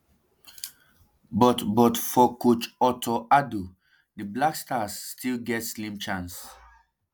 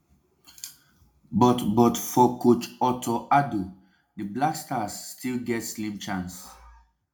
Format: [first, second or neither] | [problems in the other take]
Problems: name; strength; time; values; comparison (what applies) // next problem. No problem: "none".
first | room echo; dies away in 0.3 s